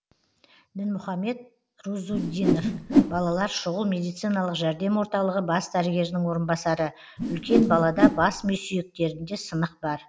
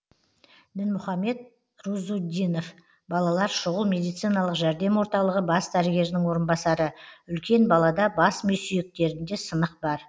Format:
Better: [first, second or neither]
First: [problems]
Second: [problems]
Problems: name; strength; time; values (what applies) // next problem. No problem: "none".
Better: second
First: background sound (Whoosh, swoosh, swish); 2 dB above the speech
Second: none